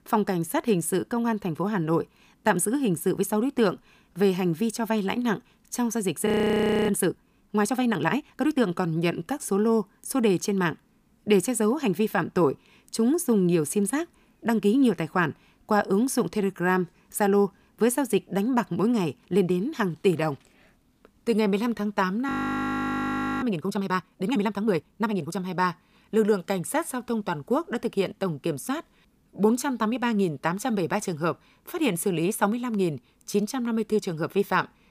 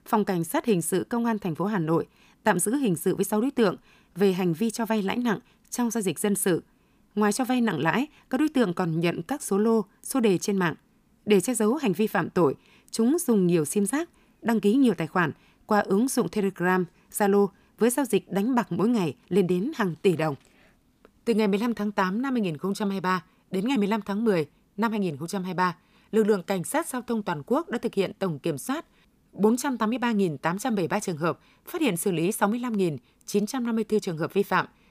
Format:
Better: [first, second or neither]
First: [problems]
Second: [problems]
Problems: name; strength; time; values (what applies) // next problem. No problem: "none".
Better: second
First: audio freezing; at 6.5 s for 0.5 s and at 22 s for 1 s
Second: none